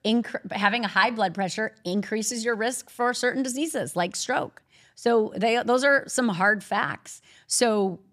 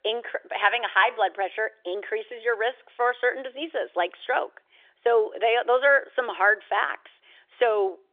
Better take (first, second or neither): first